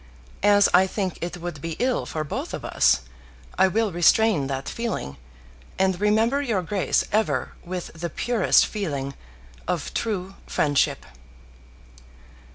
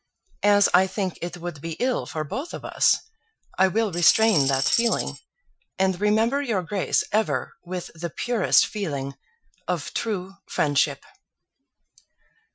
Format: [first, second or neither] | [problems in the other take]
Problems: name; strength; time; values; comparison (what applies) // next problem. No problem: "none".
first | noise reduction (classical method Wiener filter)